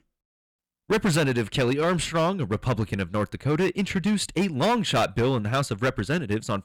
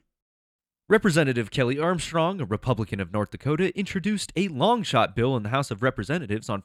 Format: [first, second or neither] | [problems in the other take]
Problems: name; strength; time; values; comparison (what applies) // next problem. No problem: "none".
second | distortion; heavy; 10% of the sound clipped